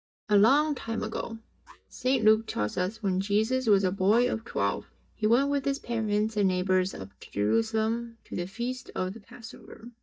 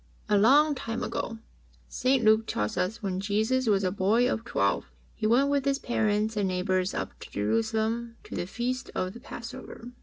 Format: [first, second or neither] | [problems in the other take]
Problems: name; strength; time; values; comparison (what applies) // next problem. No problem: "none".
second | noise reduction (neural mask model DeepFilterNet 3)